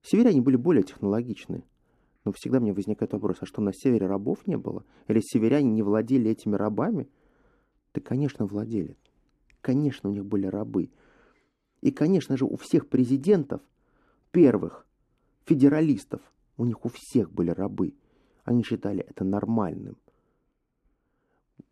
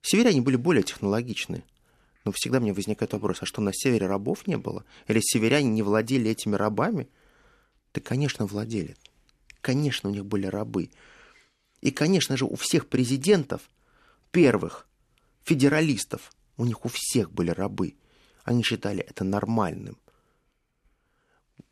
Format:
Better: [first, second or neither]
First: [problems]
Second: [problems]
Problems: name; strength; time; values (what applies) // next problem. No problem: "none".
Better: second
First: muffled; slightly; fading above 1.5 kHz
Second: none